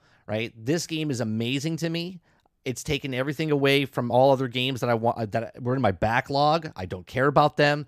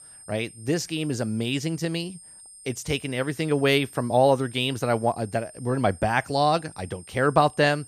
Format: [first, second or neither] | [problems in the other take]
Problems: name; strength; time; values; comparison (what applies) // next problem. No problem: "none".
first | high-pitched whine; noticeable; throughout; 8.5 kHz, 20 dB below the speech